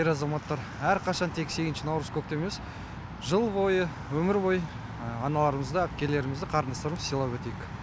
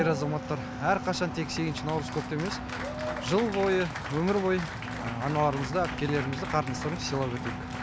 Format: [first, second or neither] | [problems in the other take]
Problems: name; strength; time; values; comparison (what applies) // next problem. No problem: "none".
first | background sound (Applause + Wind instrument, woodwind instrument); 8 dB below the speech